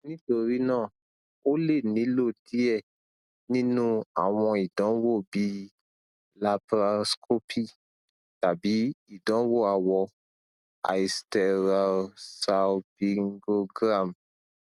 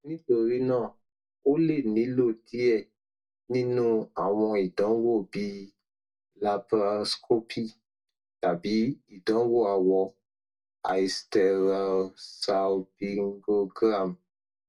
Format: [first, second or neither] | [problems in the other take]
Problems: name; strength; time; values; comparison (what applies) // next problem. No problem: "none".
first | room echo; dies away in 0.1 s